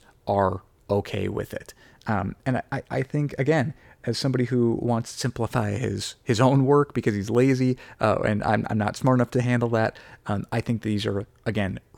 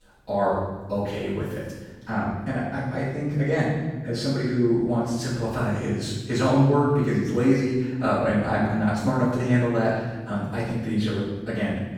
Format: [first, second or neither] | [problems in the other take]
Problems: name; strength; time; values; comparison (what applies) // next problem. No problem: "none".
first | room echo; strong; dies away in 1.1 s // off-mic speech; far